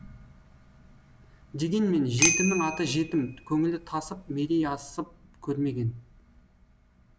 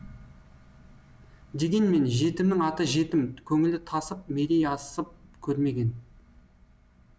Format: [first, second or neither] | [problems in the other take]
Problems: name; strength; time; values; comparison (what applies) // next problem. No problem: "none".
second | background sound (Bicycle bell); 2 dB below the speech